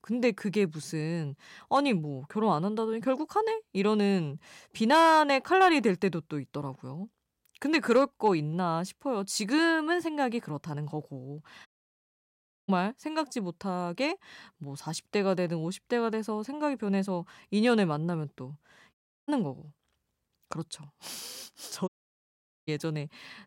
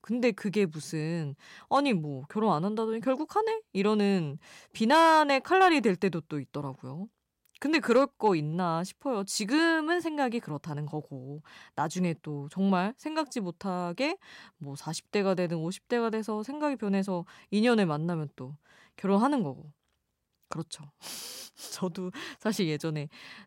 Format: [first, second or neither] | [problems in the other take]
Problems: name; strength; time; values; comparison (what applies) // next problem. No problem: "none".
second | audio cutting out; at 12 s for 1 s, at 19 s and at 22 s for 1 s